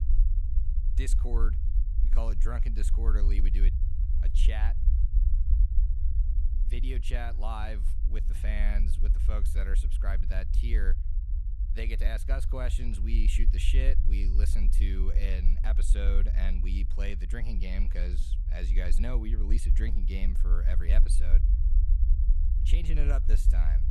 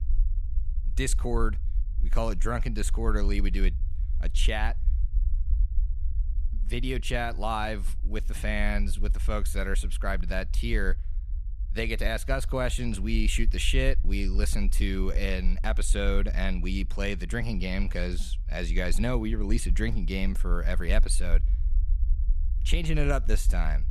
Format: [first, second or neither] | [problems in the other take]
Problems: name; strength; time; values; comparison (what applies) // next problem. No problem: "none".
second | low rumble; loud; throughout; 9 dB below the speech; faint in the second